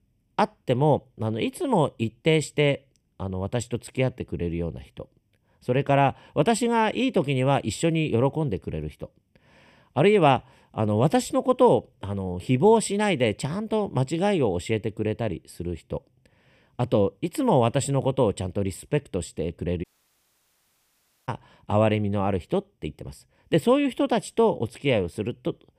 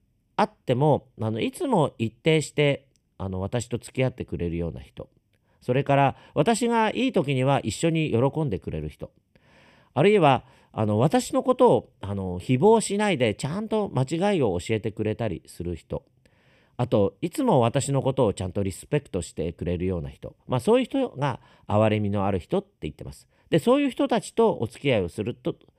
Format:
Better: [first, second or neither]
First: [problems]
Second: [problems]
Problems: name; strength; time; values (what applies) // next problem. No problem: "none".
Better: second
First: audio cutting out; at 20 s for 1.5 s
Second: none